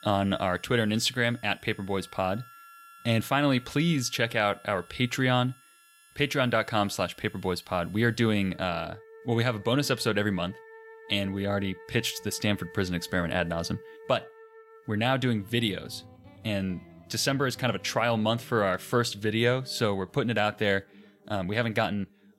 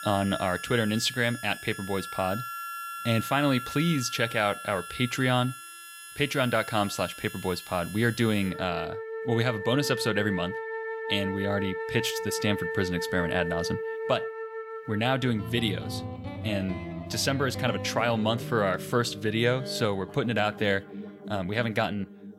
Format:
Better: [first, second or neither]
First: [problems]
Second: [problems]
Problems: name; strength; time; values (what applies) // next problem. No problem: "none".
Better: first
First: background music; faint; throughout; 25 dB below the speech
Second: background music; loud; throughout; 8 dB below the speech